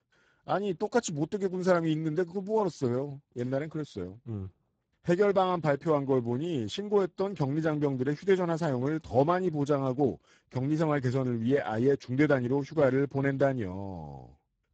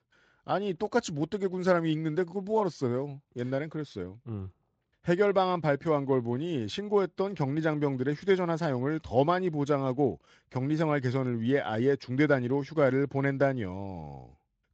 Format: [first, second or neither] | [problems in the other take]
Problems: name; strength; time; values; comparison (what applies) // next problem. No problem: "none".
second | garbled, watery; badly; nothing above 7.5 kHz; slightly in the second